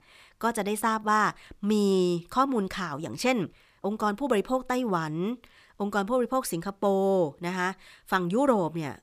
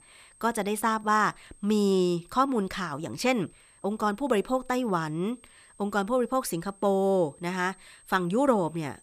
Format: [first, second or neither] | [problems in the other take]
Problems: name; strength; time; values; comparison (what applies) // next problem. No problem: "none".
first | high-pitched whine; faint; throughout; 8.5 kHz, 30 dB below the speech